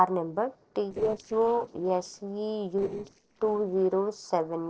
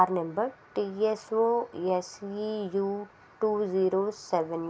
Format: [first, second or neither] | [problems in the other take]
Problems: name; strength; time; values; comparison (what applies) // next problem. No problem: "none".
second | noise reduction (neural separator model SepFormer DNS4)